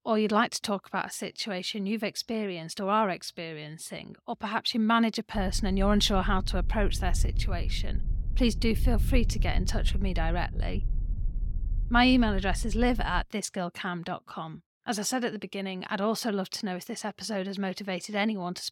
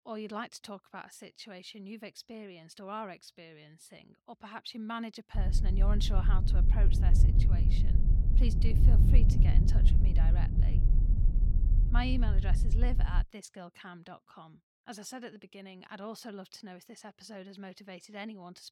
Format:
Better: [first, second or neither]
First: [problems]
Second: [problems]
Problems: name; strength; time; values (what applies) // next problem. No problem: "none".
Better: first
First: low rumble; faint; from 5.5 to 13 s; 20 dB below the speech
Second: low rumble; loud; from 5.5 to 13 s; 2 dB below the speech